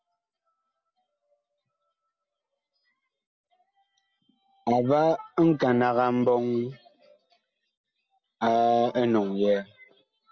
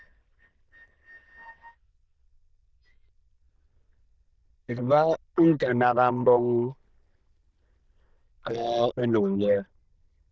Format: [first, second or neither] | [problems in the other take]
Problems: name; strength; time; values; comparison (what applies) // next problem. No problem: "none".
first | noise reduction (neural diffusion model UNIVERSE++)